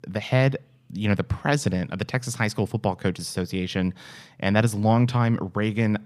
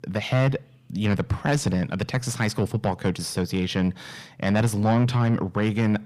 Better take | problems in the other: first | distortion; slight; 10 dB below the speech

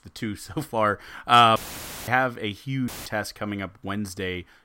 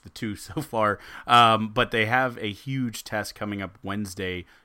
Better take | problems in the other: second | audio cutting out; filled with static; at 1.5 s for 0.5 s and at 3 s

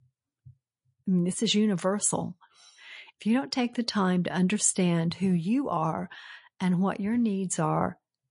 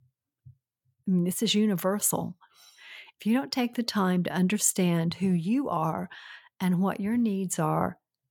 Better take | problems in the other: second | garbled, watery; slightly; nothing above 10.5 kHz

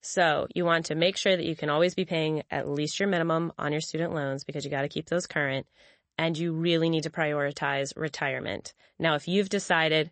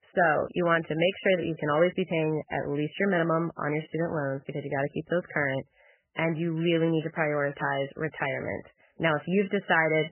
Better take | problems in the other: first | garbled, watery; badly; nothing above 3 kHz; slightly in the first

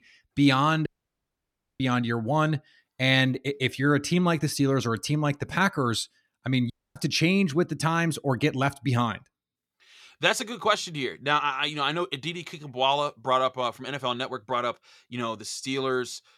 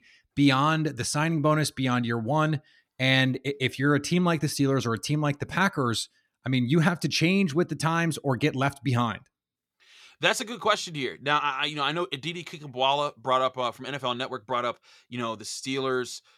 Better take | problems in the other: second | audio cutting out; at 1 s for 1 s and at 6.5 s

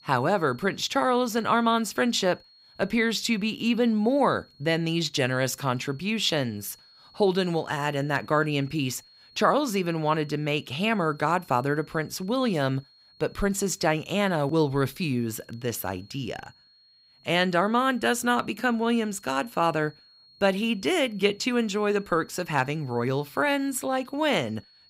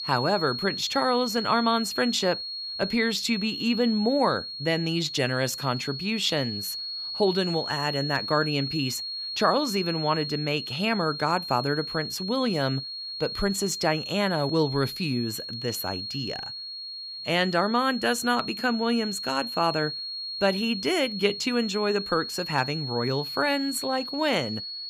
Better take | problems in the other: first | high-pitched whine; loud; throughout; 4.5 kHz, 6 dB below the speech; faint in the first

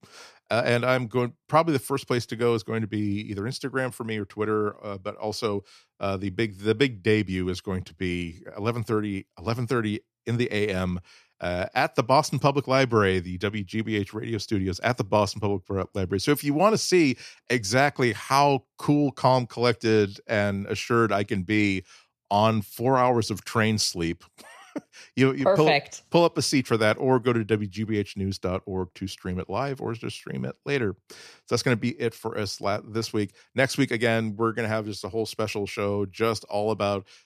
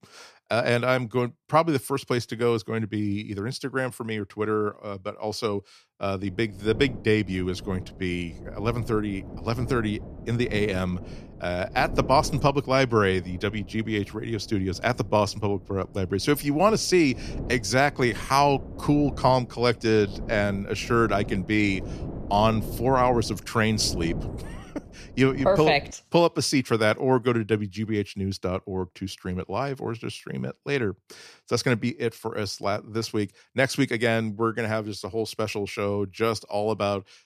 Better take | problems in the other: first | wind noise on the microphone; occasional gusts; from 6 to 26 s; 20 dB below the speech

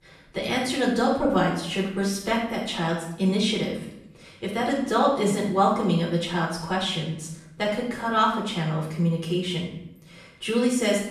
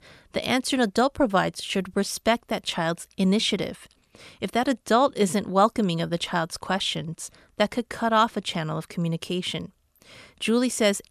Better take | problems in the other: second | off-mic speech; far // room echo; noticeable; dies away in 0.7 s

